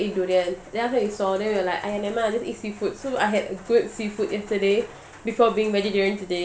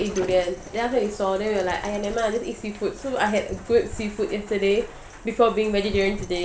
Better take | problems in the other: first | background sound (Dog); 15 dB below the speech

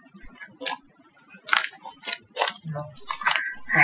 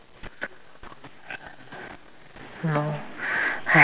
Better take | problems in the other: second | noise reduction (classical method Wiener filter)

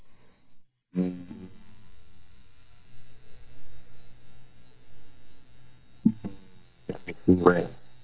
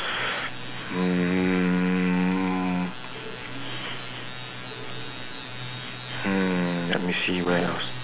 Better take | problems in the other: second | noise reduction (neural mask model DeepFilterNet 3)

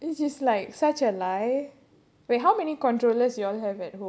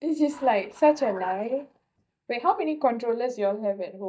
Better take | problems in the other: first | noise reduction (neural mask model DeepFilterNet 3)

